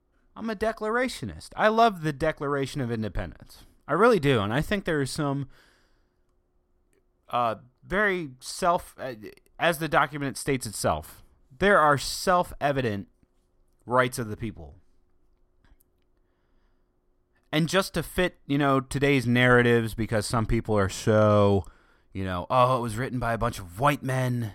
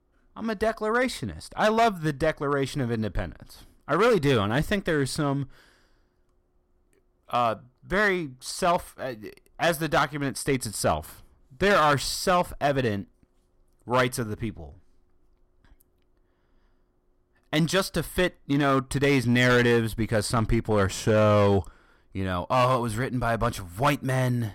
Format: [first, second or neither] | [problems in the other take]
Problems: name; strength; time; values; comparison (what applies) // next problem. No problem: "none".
first | distortion; slight; 4% of the sound clipped